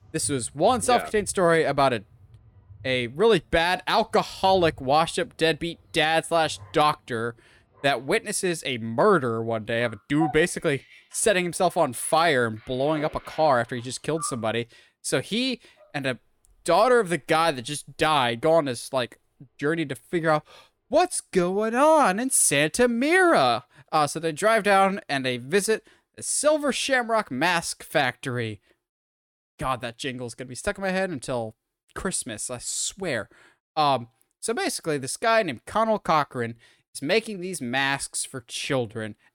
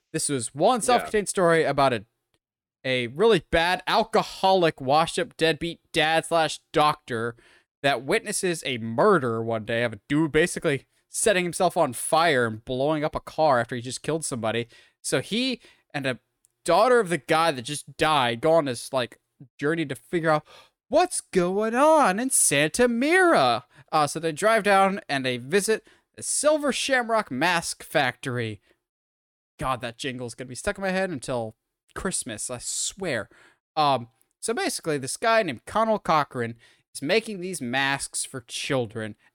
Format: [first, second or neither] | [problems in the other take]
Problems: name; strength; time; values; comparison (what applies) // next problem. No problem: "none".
second | animal sounds; faint; until 21 s; 20 dB below the speech